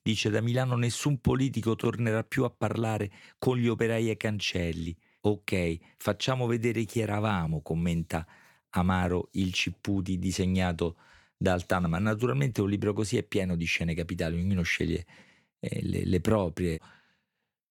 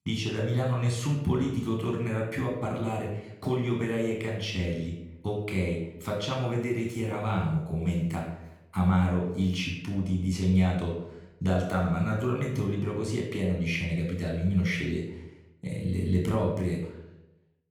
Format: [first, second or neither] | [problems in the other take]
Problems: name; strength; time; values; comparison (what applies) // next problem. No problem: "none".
first | off-mic speech; somewhat distant // room echo; noticeable; dies away in 0.7 s